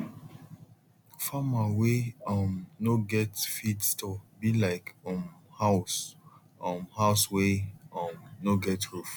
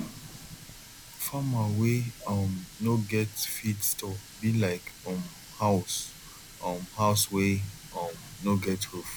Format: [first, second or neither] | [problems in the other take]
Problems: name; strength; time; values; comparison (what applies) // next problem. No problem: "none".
first | background sound (Water tap, faucet); 18 dB below the speech